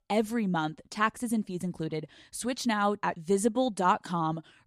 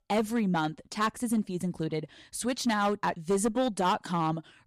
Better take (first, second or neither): first